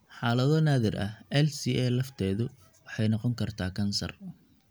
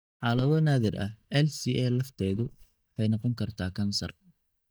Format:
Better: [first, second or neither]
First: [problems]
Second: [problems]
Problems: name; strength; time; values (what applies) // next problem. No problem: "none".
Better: first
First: none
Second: noise reduction (neural mask model DeepFilterNet 3)